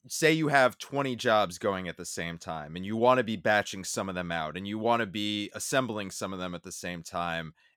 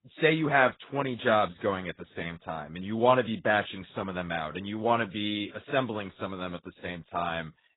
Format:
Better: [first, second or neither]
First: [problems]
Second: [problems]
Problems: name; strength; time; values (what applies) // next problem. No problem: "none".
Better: first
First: none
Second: garbled, watery; badly; nothing above 4 kHz